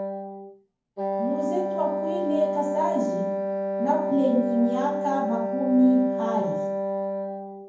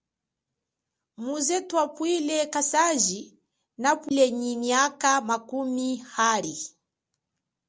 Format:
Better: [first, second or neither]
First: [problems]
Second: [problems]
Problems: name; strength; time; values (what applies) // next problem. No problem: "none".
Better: second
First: background sound (Wind instrument, woodwind instrument); 2 dB below the speech // room echo; dies away in 0.9 s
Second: none